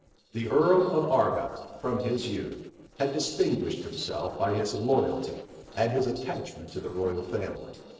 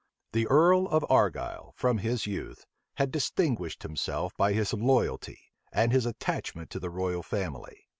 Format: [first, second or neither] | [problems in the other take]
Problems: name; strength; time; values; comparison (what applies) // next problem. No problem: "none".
second | noise reduction (neural separator model SepFormer DNS4)